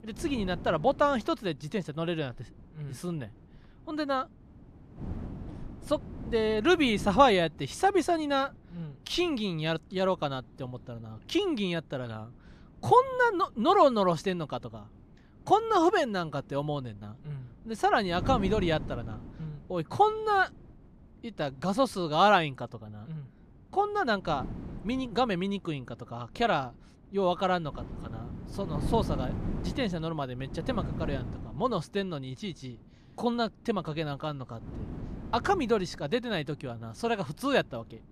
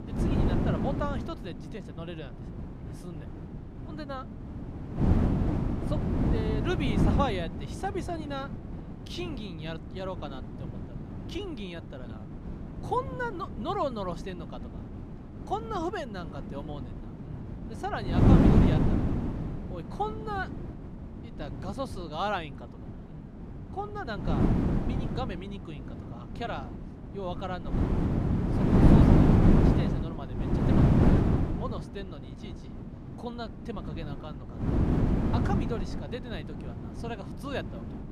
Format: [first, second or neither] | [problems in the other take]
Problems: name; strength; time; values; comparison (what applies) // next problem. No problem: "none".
first | wind noise on the microphone; heavy; 2 dB above the speech; occasional gusts in the first